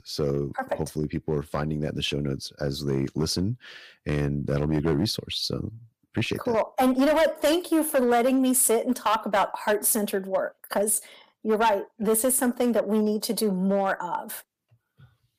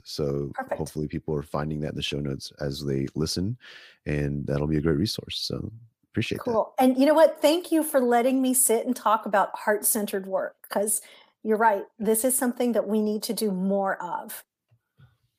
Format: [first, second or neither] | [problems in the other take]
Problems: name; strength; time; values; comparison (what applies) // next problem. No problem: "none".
second | distortion; slight; 5% of the sound clipped